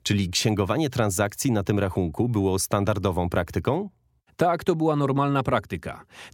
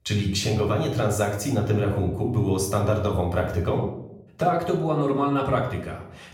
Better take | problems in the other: first | off-mic speech; somewhat distant // room echo; noticeable; dies away in 0.6 s

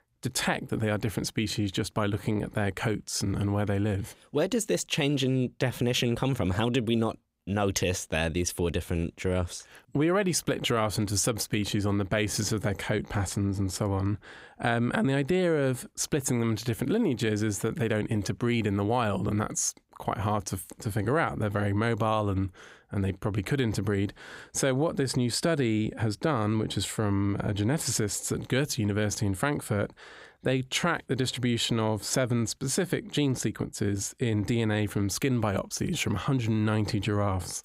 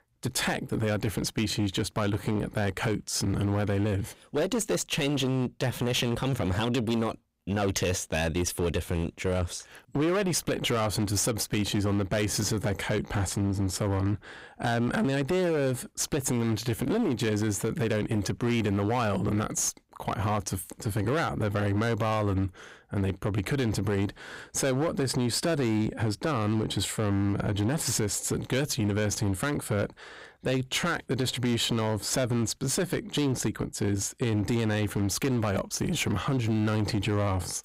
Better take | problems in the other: first | distortion; slight; 17% of the sound clipped

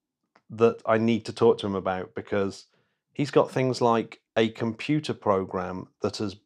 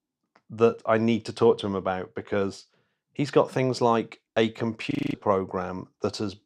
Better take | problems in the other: first | audio freezing; at 5 s

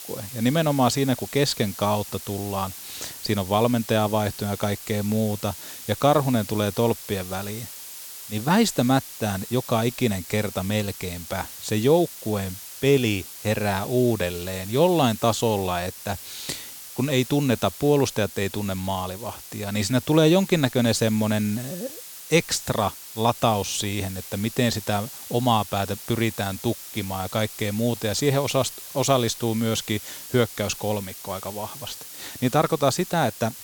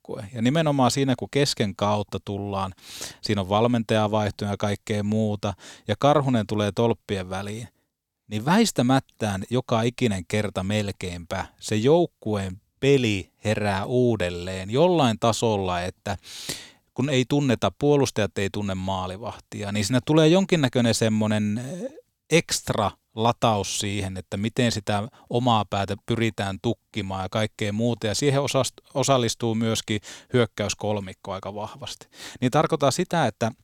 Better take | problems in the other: second | hiss; noticeable; throughout; 10 dB below the speech

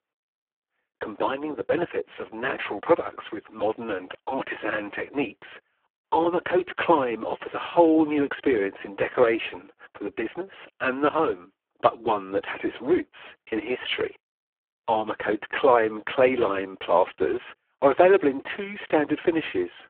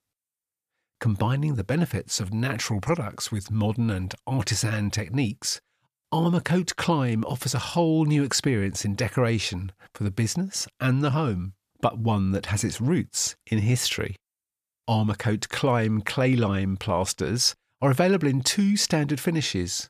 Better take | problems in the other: second | phone-call audio; poor line

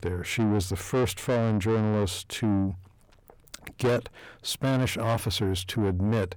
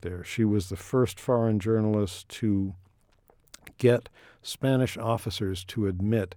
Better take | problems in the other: second | distortion; heavy; 7 dB below the speech

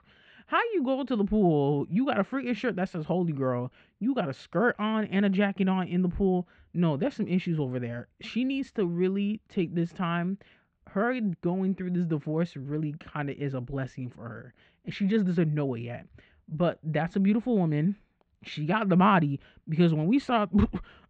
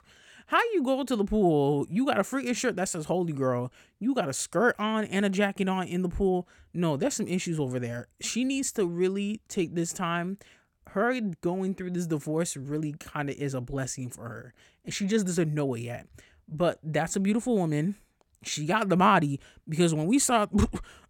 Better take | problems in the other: second | muffled; very; fading above 3.5 kHz

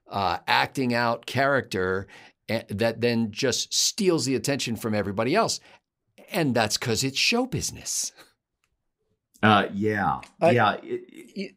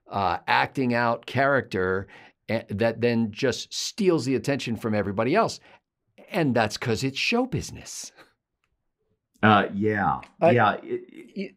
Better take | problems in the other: first | muffled; slightly; fading above 4 kHz

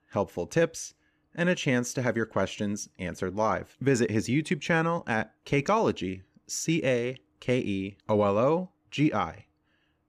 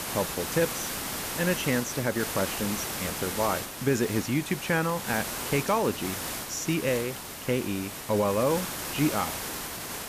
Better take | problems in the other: first | hiss; loud; throughout; 4 dB below the speech

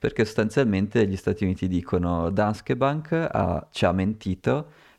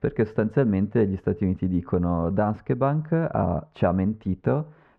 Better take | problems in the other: first | muffled; very; fading above 3 kHz

